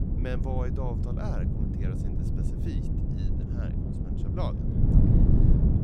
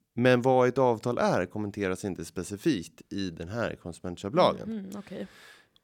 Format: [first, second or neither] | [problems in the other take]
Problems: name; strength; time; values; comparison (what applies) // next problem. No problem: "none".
second | wind noise on the microphone; heavy; 3 dB above the speech